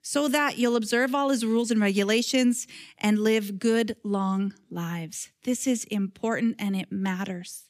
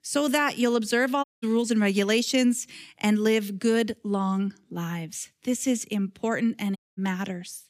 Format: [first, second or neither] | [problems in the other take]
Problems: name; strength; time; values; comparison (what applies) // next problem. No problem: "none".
first | audio cutting out; at 1 s and at 7 s